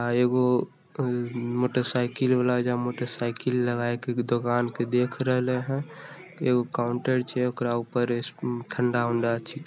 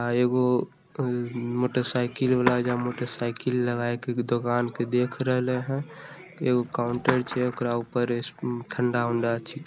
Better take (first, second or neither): first